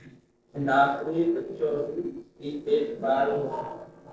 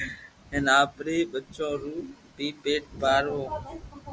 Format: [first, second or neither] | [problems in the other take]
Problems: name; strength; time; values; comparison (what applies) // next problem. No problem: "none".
second | noise reduction (neural separator model SepFormer DNS4)